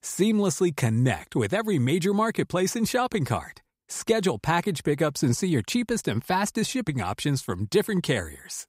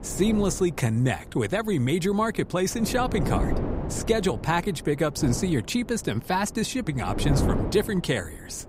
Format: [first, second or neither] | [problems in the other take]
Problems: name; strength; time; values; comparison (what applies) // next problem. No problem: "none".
first | wind noise on the microphone; heavy; 9 dB below the speech